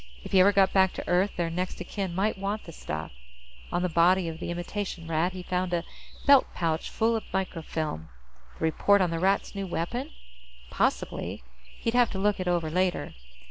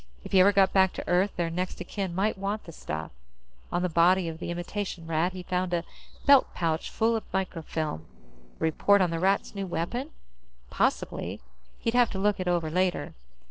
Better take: first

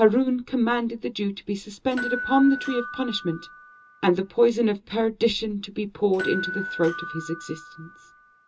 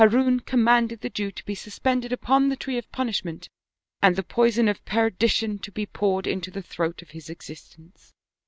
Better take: second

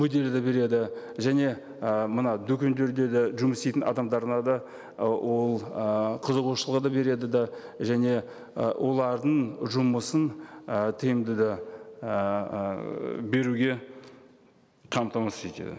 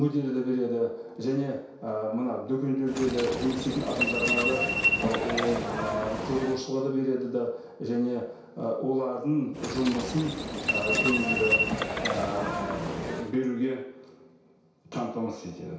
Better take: first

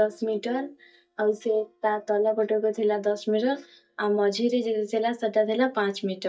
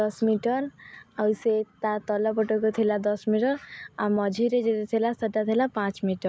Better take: second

